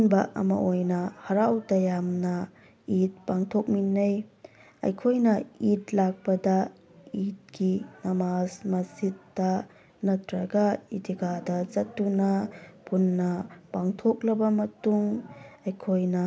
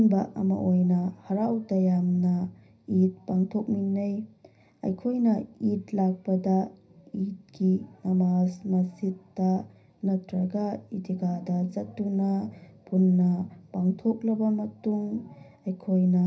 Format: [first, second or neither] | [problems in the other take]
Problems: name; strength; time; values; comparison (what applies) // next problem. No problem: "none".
first | room echo; dies away in 0.4 s